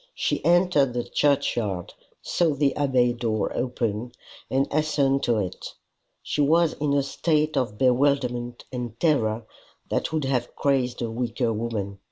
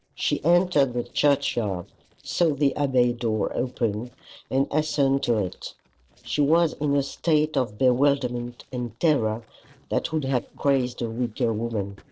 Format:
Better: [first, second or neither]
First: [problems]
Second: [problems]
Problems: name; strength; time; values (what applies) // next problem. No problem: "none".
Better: first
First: none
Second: noise reduction (neural separator model SepFormer DNS4)